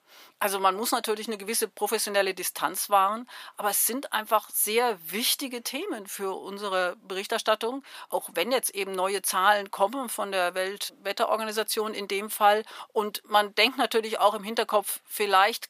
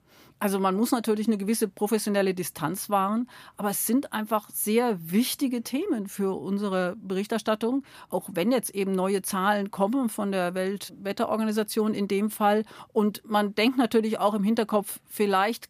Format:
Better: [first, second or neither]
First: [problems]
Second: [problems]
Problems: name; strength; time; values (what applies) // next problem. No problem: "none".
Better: second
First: thin; very; fading below 600 Hz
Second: none